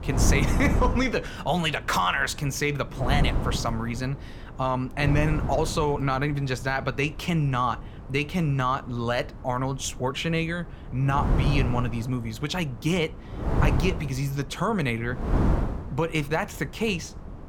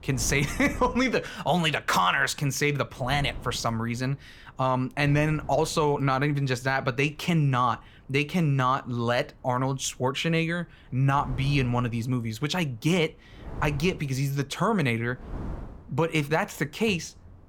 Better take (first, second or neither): second